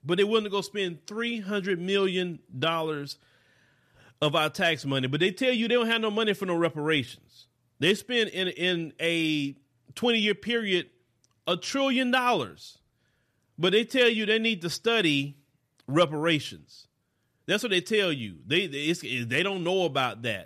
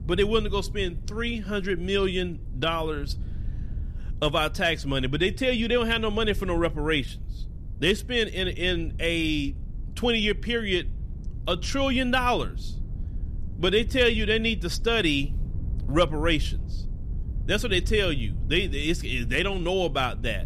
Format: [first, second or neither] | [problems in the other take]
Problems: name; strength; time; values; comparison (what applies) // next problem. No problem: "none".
first | low rumble; faint; throughout; 25 dB below the speech